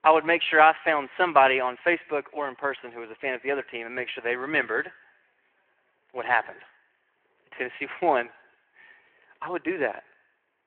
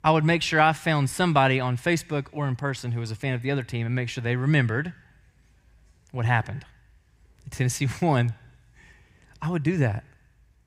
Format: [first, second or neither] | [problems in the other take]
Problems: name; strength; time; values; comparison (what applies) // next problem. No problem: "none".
second | phone-call audio